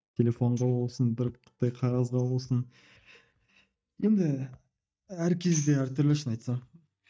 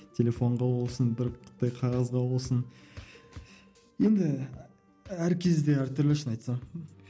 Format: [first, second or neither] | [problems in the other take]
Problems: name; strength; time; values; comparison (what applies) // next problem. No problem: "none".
second | noise reduction (neural mask model DeepFilterNet 3)